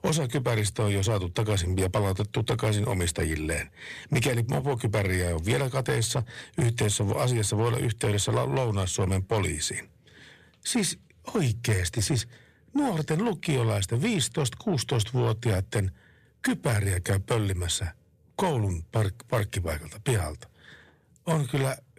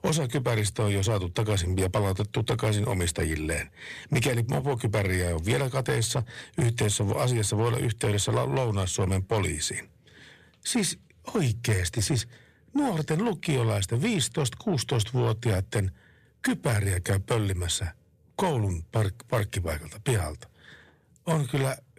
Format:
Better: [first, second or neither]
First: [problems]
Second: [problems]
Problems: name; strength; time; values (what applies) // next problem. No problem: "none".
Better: neither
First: distortion; slight; 10 dB below the speech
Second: distortion; slight; 10 dB below the speech